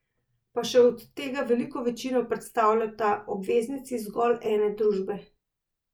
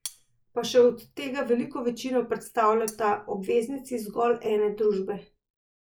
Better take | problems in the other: first | noise reduction (neural mask model Resemble Enhance denoiser)

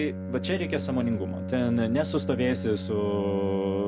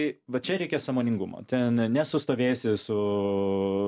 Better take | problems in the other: second | background sound (Bowed string instrument); 6 dB below the speech

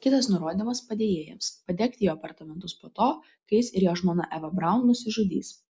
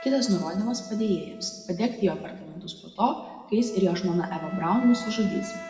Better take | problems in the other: first | background sound (Wind instrument, woodwind instrument); 16 dB below the speech // room echo; dies away in 1.3 s

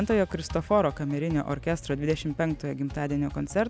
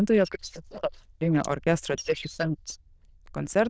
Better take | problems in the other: first | noise reduction (neural diffusion model UNIVERSE++)

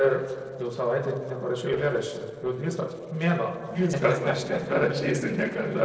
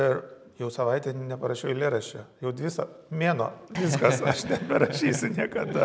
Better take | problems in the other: second | noise reduction (neural separator model SepFormer DNS4)

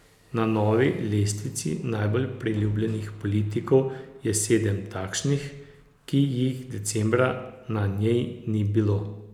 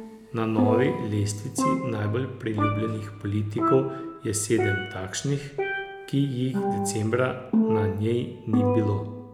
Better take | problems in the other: first | background sound (Percussion); 2 dB below the speech

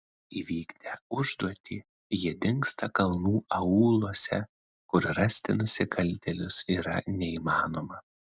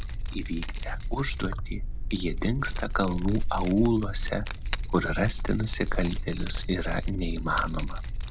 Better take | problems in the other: first | background sound (Keys jangling); as loud as the speech

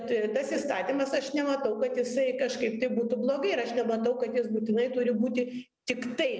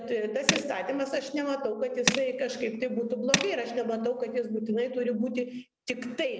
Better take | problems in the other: first | background sound (Tools); 4 dB below the speech

